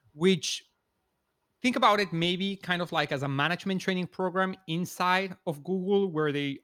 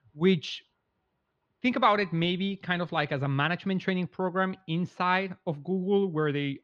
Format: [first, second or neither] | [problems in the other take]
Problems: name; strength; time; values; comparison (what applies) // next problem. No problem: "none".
first | muffled; slightly; fading above 3.5 kHz